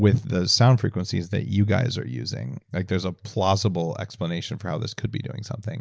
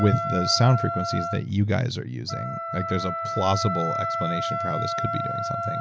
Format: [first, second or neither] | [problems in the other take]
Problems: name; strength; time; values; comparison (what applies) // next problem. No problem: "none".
first | background sound (Wind instrument, woodwind instrument); 4 dB below the speech